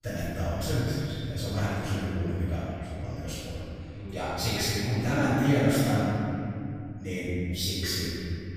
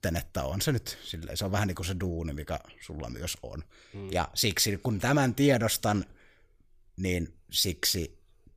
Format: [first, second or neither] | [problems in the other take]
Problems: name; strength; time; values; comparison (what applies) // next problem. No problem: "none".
second | off-mic speech; far // room echo; strong; dies away in 2.9 s